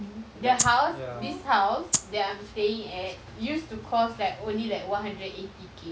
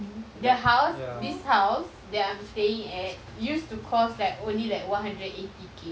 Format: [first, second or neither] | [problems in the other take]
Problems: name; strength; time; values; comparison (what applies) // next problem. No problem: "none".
second | background sound (Rattle (instrument)); 1 dB below the speech